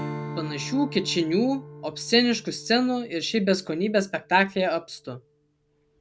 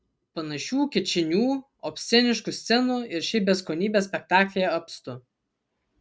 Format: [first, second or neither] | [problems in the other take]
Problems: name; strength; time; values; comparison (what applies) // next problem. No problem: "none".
second | background sound (Strum); 14 dB below the speech